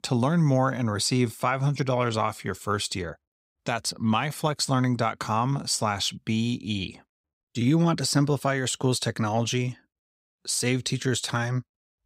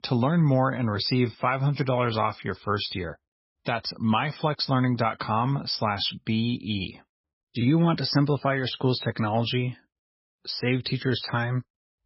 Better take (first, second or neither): first